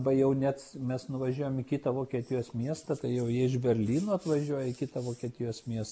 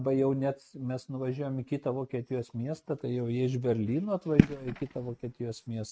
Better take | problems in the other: first | noise reduction (neural mask model RNNoise)

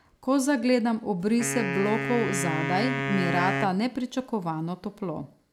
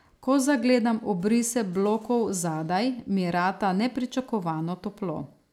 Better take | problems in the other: second | background sound (Wind instrument, woodwind instrument); 4 dB below the speech

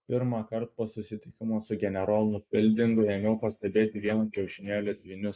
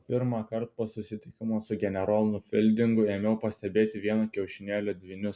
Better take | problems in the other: second | noise reduction (neural mask model Resemble Enhance denoiser)

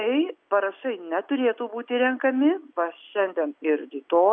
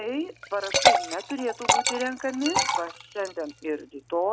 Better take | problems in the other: first | background sound (Liquid); 3 dB above the speech

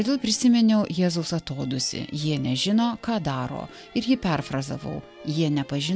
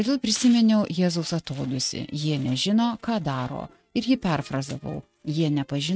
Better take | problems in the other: first | noise reduction (neural mask model RNNoise)

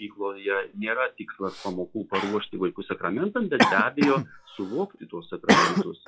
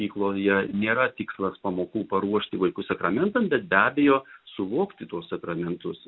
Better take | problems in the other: second | noise reduction (classical method log-MMSE)

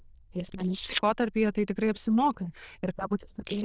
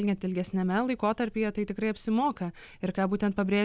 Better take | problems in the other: second | noise reduction (neural diffusion model UNIVERSE++)

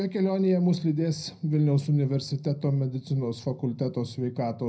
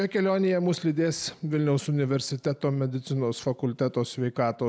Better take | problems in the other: second | room echo; dies away in 0.4 s

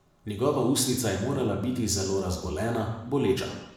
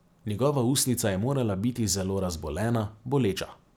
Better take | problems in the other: second | room echo; dies away in 0.9 s

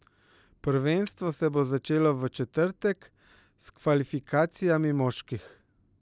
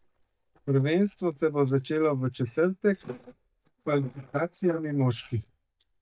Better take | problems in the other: first | noise reduction (neural mask model DeepFilterNet 3)

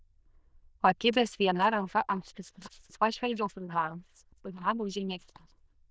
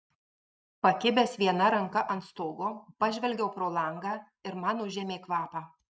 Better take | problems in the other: second | noise reduction (neural diffusion model UNIVERSE++)

